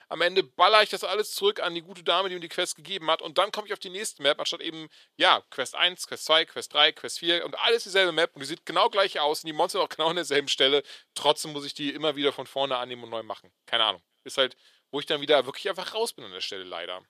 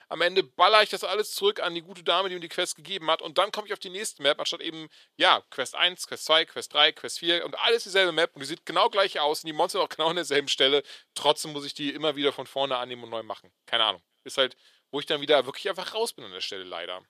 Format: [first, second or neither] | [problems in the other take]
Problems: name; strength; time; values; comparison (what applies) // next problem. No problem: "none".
neither | thin; somewhat; fading below 500 Hz; the same in both